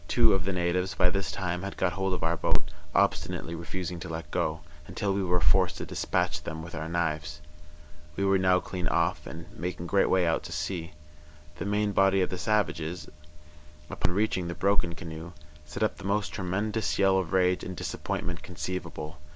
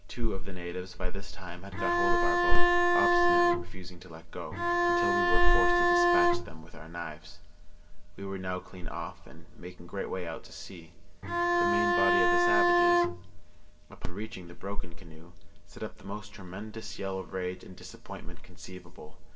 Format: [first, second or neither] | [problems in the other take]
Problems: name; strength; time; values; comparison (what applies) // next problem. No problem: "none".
first | background sound (Bowed string instrument); 1 dB above the speech // room echo; dies away in 1.5 s